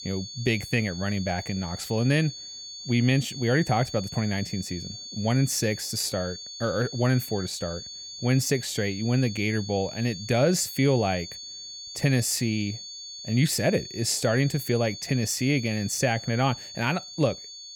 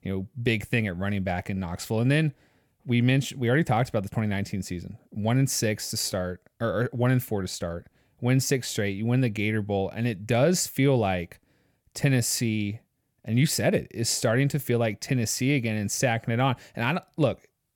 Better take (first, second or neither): second